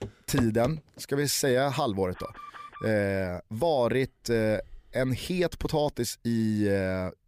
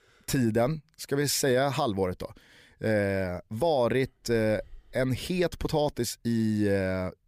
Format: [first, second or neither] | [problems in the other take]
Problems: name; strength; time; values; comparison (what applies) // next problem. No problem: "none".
second | footsteps; noticeable; at the start; peak 6 dB below the speech // alarm; faint; at 2 s; peak 15 dB below the speech